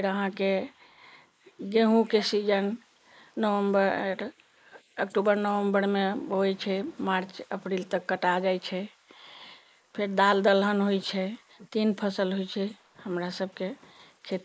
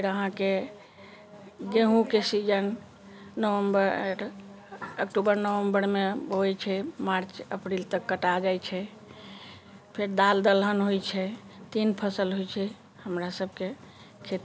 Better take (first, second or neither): second